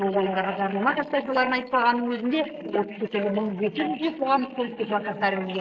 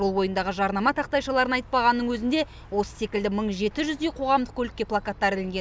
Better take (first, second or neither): second